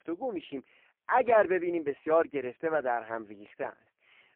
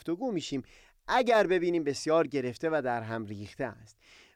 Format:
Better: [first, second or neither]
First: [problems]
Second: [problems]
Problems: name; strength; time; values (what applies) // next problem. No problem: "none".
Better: second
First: phone-call audio; poor line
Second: none